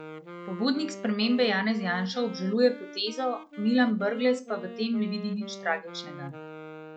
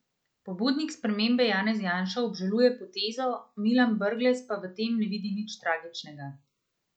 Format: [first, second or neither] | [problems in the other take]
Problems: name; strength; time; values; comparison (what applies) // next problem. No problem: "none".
second | background sound (Wind instrument, woodwind instrument); 14 dB below the speech